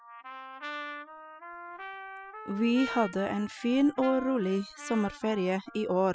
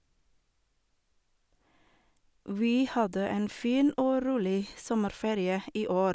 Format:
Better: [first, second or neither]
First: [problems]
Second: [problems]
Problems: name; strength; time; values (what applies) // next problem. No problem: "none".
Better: second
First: noise reduction (classical method spectral subtraction)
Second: none